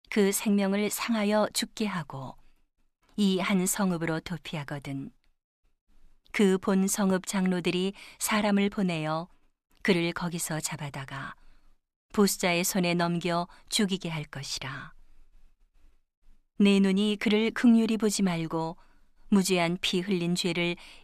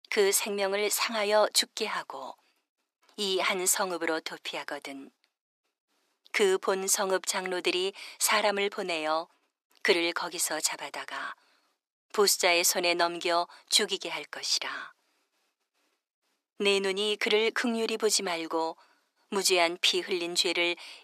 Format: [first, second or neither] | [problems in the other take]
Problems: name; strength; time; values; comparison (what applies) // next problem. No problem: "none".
first | thin; very; fading below 350 Hz